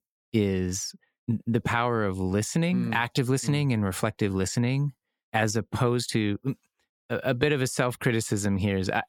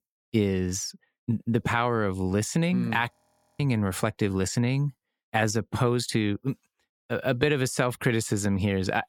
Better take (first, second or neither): first